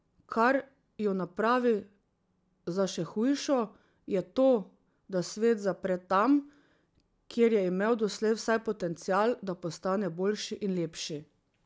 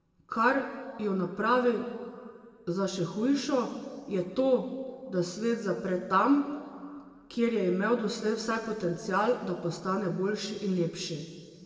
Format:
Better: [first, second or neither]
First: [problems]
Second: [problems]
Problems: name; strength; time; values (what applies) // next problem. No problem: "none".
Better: first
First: none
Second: room echo; dies away in 1.8 s